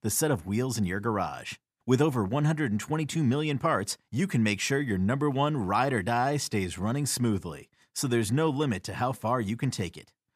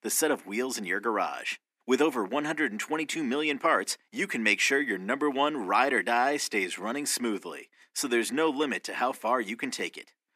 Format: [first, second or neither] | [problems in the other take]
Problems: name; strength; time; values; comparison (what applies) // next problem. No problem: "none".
first | thin; somewhat; fading below 250 Hz